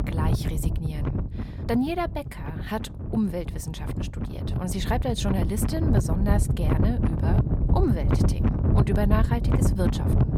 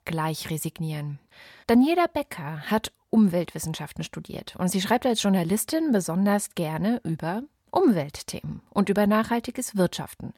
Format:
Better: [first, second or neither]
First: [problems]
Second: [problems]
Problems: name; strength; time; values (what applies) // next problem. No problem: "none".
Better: second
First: wind noise on the microphone; heavy; 3 dB below the speech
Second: none